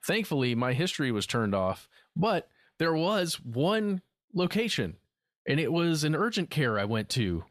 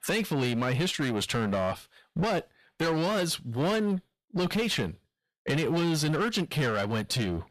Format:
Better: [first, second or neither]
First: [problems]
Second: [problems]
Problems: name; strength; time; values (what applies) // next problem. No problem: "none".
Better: first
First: none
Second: distortion; slight; 18% of the sound clipped